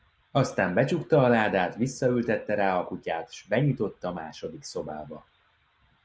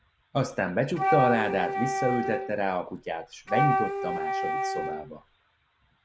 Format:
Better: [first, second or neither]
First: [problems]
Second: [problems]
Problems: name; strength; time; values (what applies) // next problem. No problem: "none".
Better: first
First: none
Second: background sound (Wind instrument, woodwind instrument); as loud as the speech